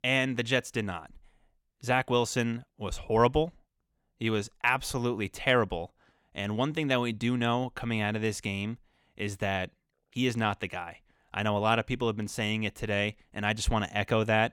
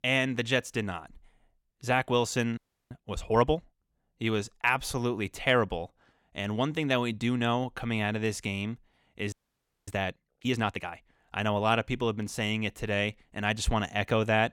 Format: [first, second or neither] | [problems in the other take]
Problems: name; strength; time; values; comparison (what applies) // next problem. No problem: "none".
first | audio freezing; at 2.5 s and at 9.5 s for 0.5 s